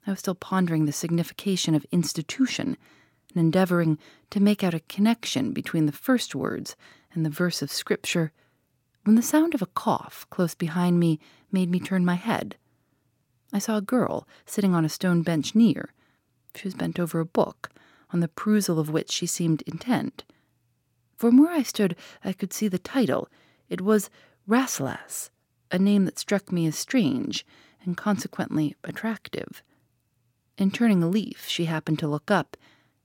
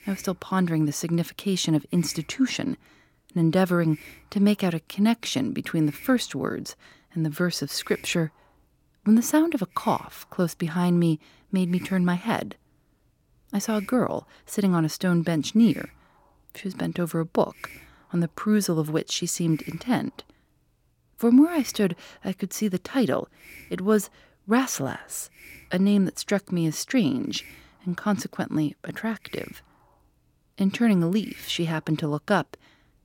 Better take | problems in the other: first | hiss; faint; throughout; 25 dB below the speech

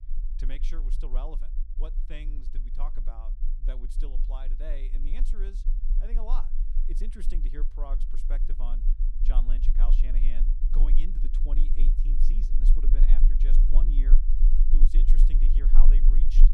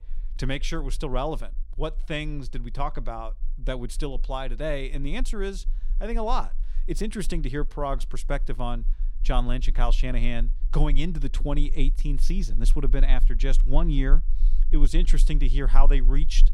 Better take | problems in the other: second | low rumble; loud; throughout; 6 dB below the speech; faint in the second

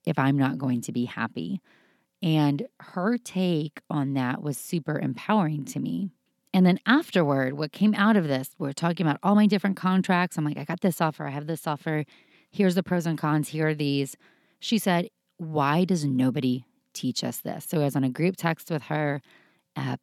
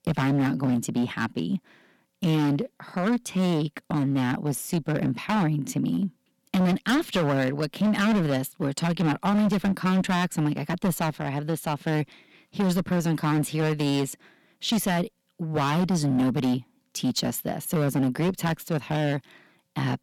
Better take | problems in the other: first | distortion; heavy; 13% of the sound clipped

